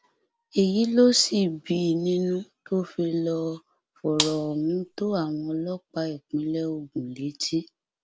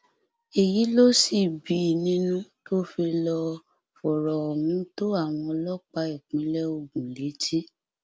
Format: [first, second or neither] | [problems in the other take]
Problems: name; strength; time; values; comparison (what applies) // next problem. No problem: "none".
second | background sound (Gunshot, gunfire); 7 dB below the speech